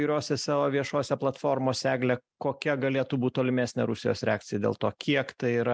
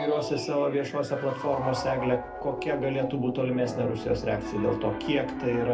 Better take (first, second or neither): first